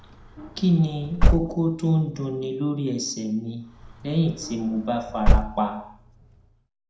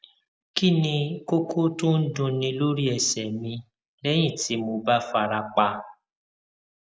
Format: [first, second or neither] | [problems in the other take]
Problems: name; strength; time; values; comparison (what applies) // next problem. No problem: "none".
second | background sound (Slam / Car); as loud as the speech // room echo; dies away in 0.4 s